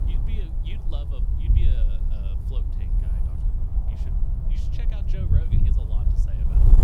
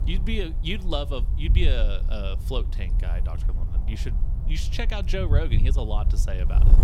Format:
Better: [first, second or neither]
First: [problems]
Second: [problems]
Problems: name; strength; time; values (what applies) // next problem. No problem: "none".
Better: second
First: wind noise on the microphone; heavy; 4 dB above the speech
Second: wind noise on the microphone; occasional gusts; 10 dB below the speech